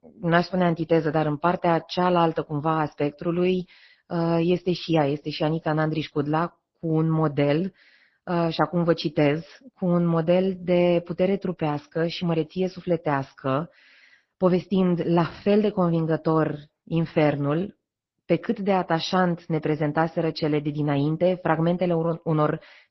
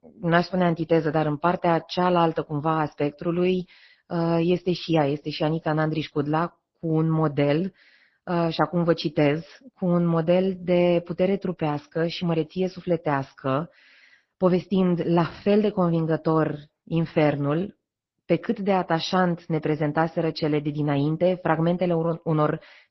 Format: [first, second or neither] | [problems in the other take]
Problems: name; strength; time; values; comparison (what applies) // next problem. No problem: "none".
neither | garbled, watery; slightly; nothing above 5.5 kHz; the same in both